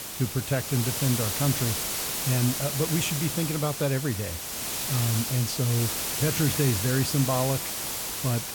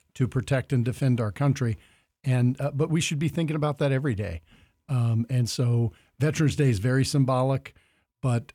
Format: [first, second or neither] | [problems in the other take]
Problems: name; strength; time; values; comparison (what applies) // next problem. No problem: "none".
second | hiss; loud; throughout; 1 dB below the speech